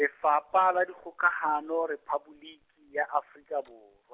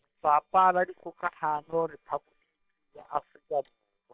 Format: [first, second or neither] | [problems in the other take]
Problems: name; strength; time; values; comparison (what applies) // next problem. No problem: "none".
first | noise reduction (neural separator model SepFormer WHAM!)